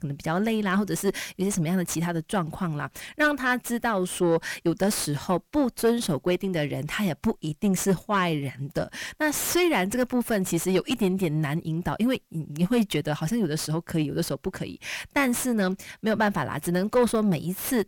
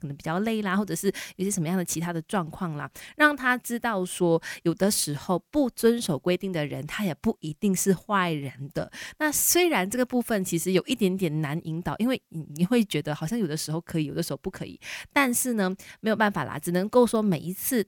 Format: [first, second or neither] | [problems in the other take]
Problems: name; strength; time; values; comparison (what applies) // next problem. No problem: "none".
second | distortion; slight; 9 dB below the speech